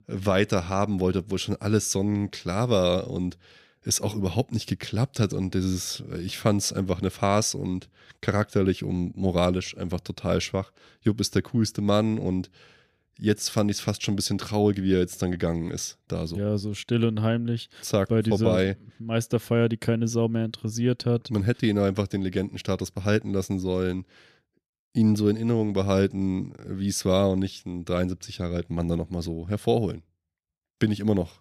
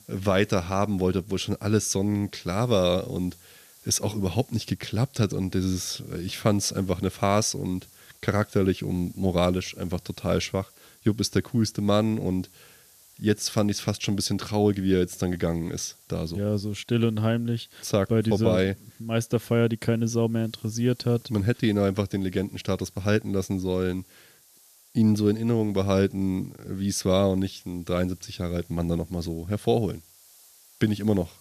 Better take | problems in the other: first | hiss; faint; throughout; 25 dB below the speech

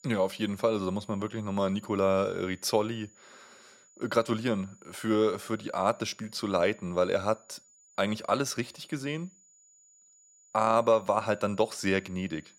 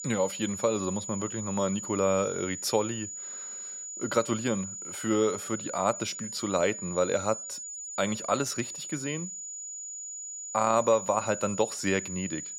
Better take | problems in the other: first | high-pitched whine; loud; throughout; 7 kHz, 7 dB below the speech; faint in the first

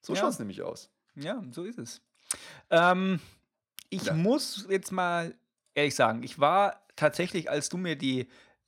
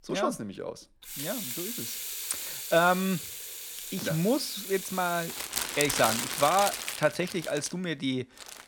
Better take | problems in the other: first | household noises; loud; throughout; 4 dB below the speech

